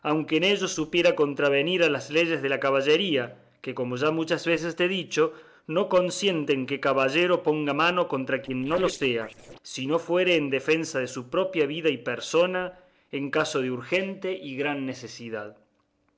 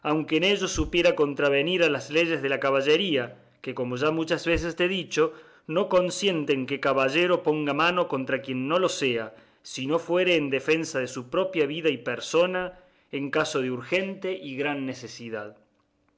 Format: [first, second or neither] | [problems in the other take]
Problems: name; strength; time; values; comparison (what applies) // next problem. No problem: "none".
second | noise reduction (neural separator model SepFormer DNS4)